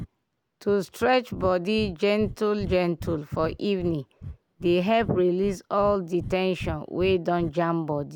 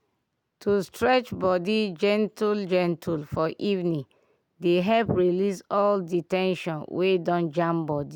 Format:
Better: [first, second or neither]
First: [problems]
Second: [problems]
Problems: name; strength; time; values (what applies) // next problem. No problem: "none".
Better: second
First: background sound (Breathing); 14 dB below the speech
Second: none